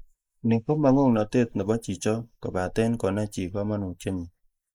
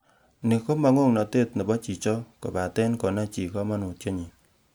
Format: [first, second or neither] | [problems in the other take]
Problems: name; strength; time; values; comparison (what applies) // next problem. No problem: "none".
second | noise reduction (neural mask model Resemble Enhance denoiser)